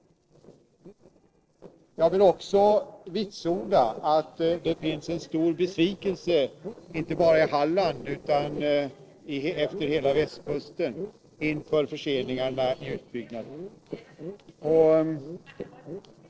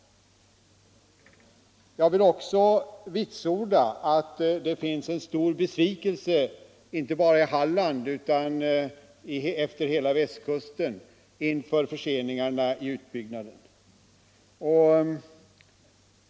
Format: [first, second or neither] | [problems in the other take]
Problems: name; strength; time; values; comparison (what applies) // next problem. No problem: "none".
second | noise reduction (neural separator model SepFormer DNS4)